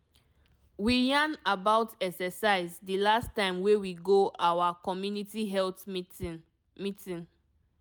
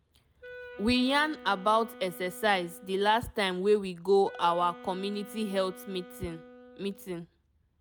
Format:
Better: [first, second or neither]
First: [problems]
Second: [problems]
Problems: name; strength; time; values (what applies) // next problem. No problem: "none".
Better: first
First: none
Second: background sound (Wind instrument, woodwind instrument); 19 dB below the speech